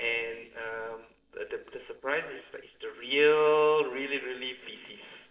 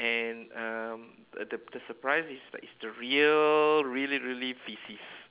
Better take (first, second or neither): second